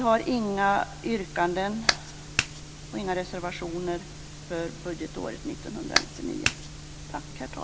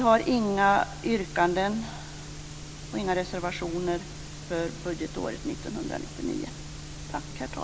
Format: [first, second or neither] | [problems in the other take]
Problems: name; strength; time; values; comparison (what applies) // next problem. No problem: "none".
second | background sound (Clapping); 1 dB above the speech